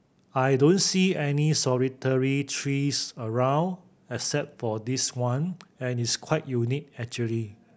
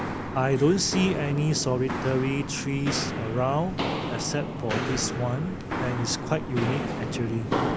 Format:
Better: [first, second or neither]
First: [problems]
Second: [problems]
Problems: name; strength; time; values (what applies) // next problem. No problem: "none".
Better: first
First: none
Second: background sound (Walk, footsteps); 3 dB below the speech